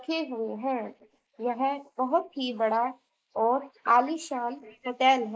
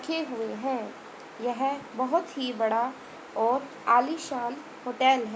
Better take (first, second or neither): second